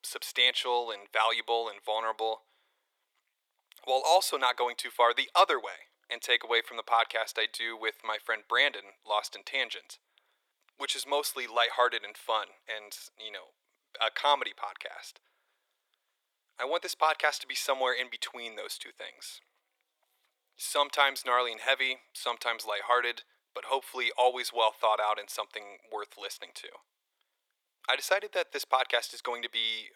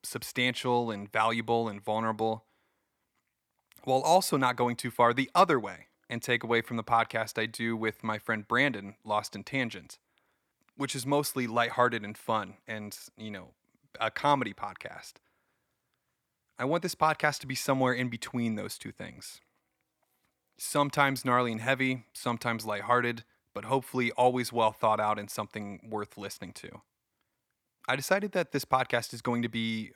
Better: second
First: thin; very; fading below 450 Hz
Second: none

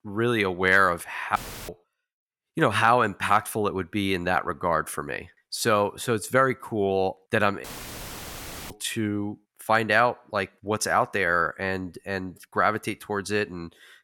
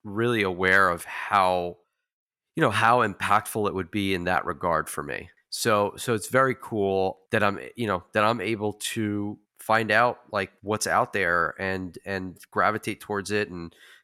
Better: second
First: audio cutting out; filled with static; at 1.5 s and at 7.5 s for 1 s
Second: none

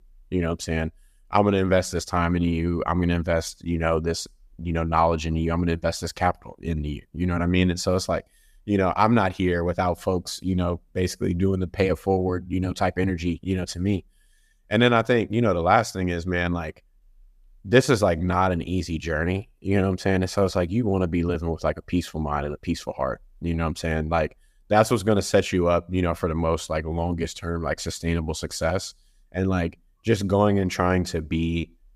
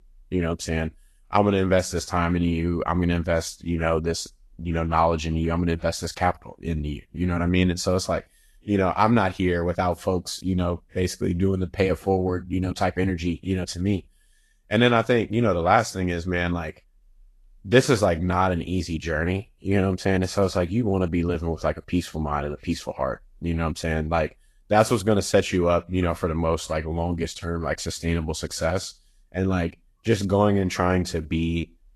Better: first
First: none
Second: garbled, watery; slightly; nothing above 12.5 kHz

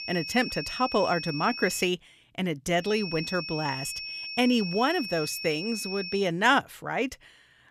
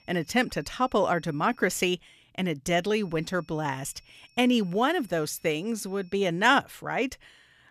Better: second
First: high-pitched whine; loud; until 2 s and from 3 to 6 s; 2.5 kHz, 7 dB below the speech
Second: high-pitched whine; faint; until 2 s and from 3 to 6 s; 2.5 kHz, 35 dB below the speech

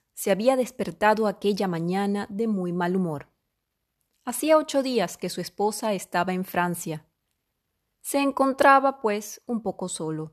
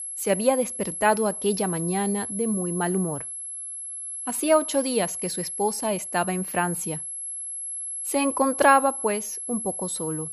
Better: first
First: none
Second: high-pitched whine; loud; throughout; 11 kHz, 5 dB below the speech

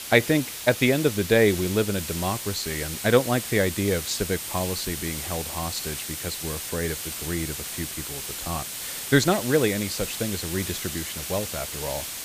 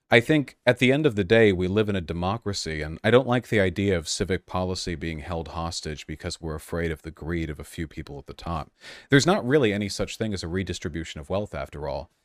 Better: second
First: hiss; loud; throughout; 5 dB below the speech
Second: none

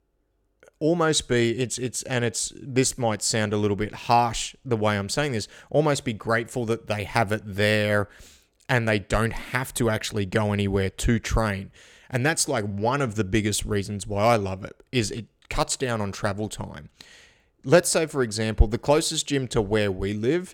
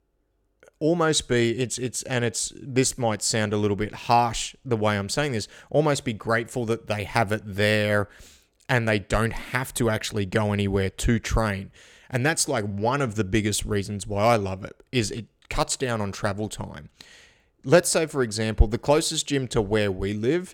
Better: neither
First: none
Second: none

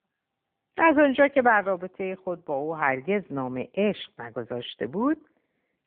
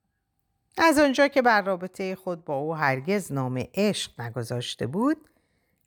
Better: second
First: phone-call audio; poor line; nothing above 3.5 kHz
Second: none

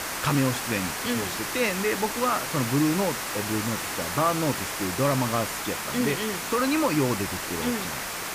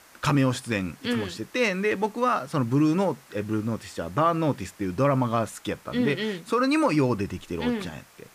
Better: second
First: hiss; loud; throughout; 2 dB below the speech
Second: hiss; faint; throughout; 25 dB below the speech

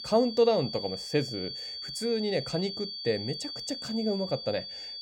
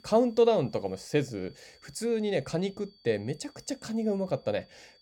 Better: second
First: high-pitched whine; loud; throughout; 4.5 kHz, 6 dB below the speech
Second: high-pitched whine; faint; throughout; 4.5 kHz, 30 dB below the speech

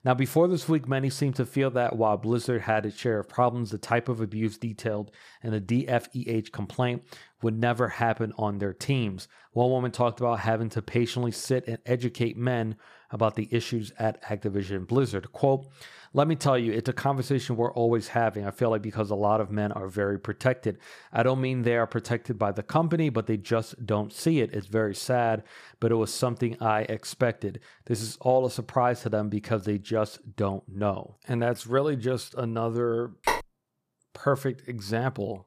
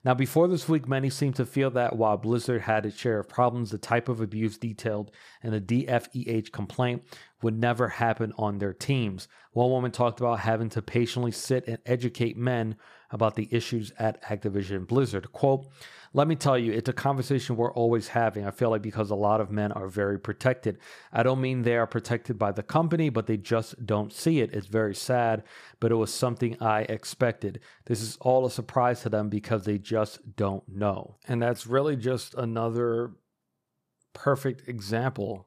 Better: second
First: phone ringing; noticeable; at 33 s; peak 1 dB below the speech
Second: none

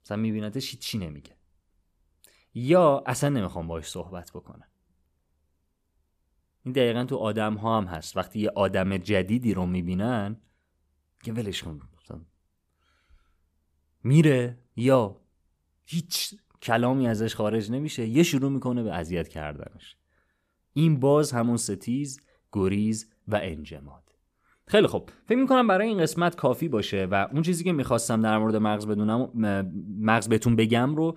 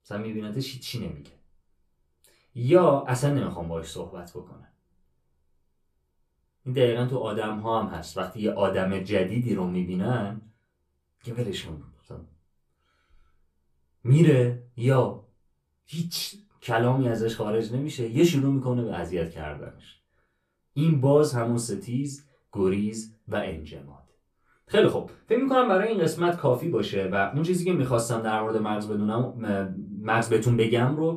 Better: first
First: none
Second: off-mic speech; far // room echo; very slight; dies away in 0.2 s

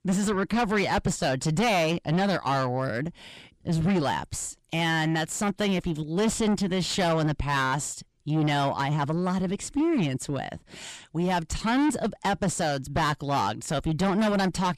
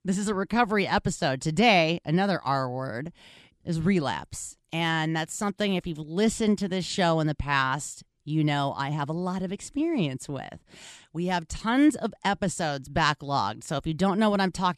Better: second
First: distortion; heavy; 6 dB below the speech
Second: none

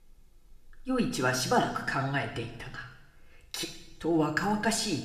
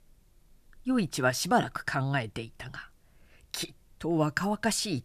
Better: second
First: room echo; slight; dies away in 0.8 s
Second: none

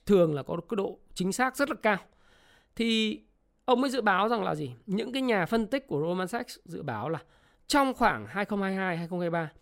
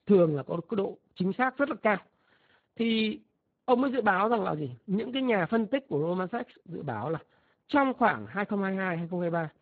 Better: first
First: none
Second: garbled, watery; badly; nothing above 4 kHz

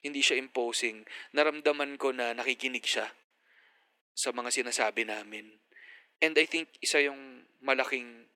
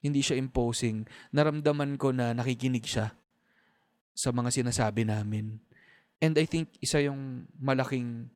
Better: second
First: thin; very; fading below 350 Hz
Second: none

